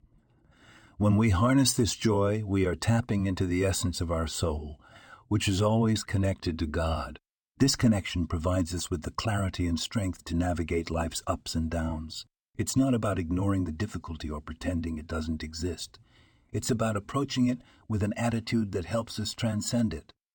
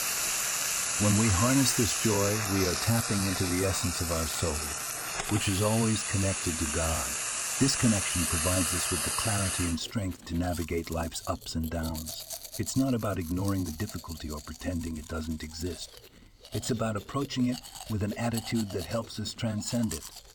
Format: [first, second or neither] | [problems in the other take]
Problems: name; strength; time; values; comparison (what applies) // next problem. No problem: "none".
first | household noises; very loud; throughout; 1 dB above the speech